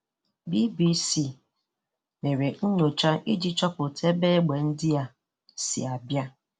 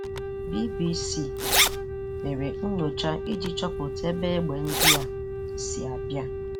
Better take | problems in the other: first | background sound (Wind instrument, woodwind instrument + Zipper (clothing)); 3 dB above the speech

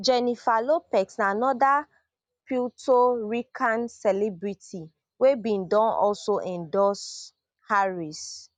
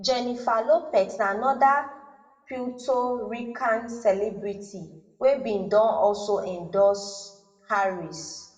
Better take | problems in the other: first | room echo; dies away in 0.6 s

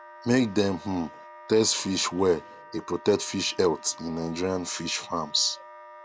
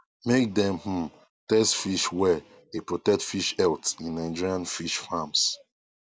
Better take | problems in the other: second | background sound (Wind instrument, woodwind instrument); 19 dB below the speech

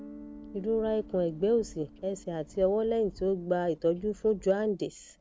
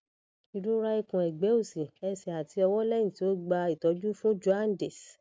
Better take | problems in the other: second | background sound (Guitar + Thunder / Rain); 19 dB below the speech

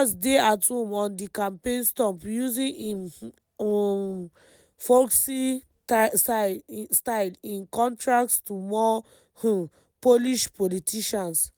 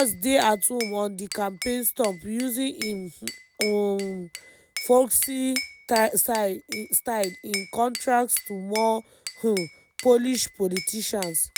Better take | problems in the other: first | background sound (Glass / Bell); 12 dB below the speech

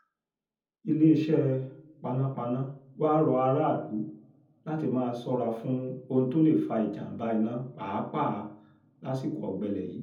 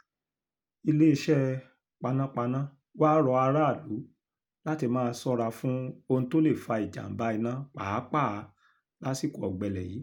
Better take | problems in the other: second | room echo; dies away in 0.7 s

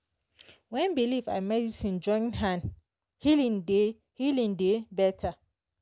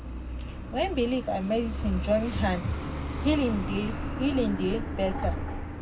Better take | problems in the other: first | background sound (Truck); 4 dB below the speech // room echo; dies away in 0.3 s

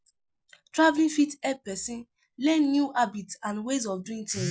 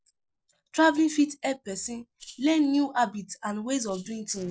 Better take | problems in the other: first | noise reduction (neural separator model SepFormer DNS4)

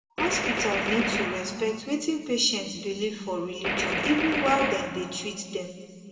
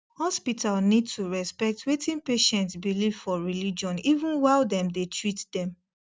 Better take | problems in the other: second | background sound (Gunshot, gunfire); 1 dB below the speech // room echo; dies away in 2.1 s

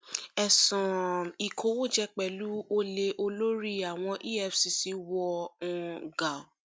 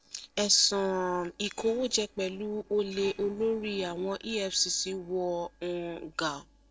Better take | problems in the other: first | noise reduction (neural separator model SepFormer DNS4)

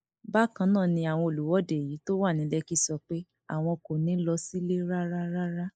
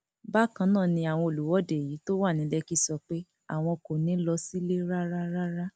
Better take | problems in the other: second | noise reduction (neural mask model Resemble Enhance denoiser)

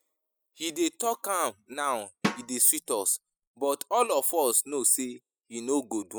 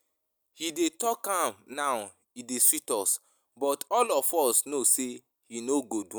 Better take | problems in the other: second | noise reduction (classical method spectral subtraction)

